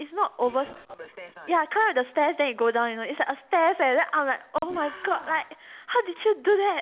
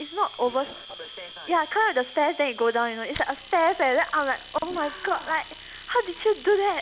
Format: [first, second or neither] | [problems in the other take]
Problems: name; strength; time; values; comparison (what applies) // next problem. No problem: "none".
first | background sound (Domestic sounds, home sounds); 18 dB below the speech